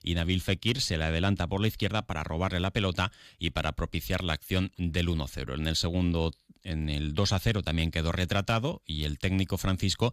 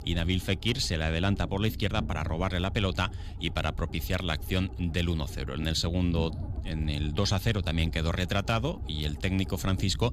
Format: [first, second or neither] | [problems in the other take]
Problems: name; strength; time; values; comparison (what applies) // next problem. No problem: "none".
first | low rumble; noticeable; throughout; 20 dB below the speech